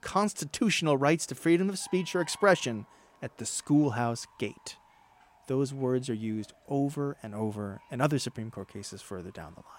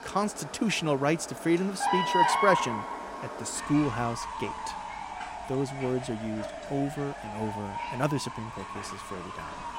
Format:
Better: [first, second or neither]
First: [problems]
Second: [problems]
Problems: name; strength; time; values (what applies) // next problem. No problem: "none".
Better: first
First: animal sounds; faint; throughout; 25 dB below the speech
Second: animal sounds; loud; throughout; 3 dB below the speech